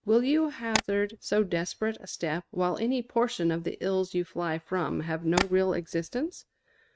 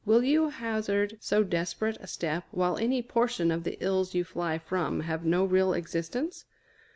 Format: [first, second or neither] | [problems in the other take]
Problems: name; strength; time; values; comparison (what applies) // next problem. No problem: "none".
second | noise reduction (neural mask model RNNoise)